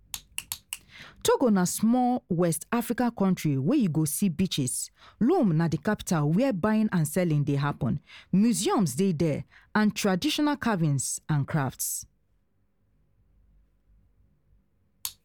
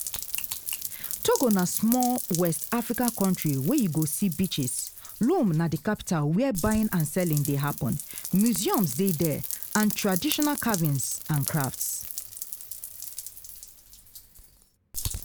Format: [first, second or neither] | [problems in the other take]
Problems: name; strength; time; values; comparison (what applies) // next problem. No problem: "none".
first | background sound (Rain); 8 dB below the speech